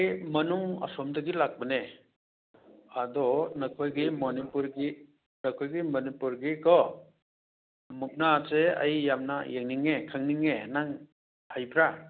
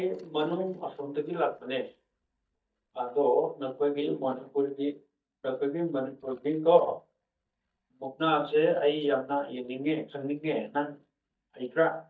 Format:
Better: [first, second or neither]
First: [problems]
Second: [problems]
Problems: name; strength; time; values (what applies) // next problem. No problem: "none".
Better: first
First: none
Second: noise reduction (neural mask model DeepFilterNet 3)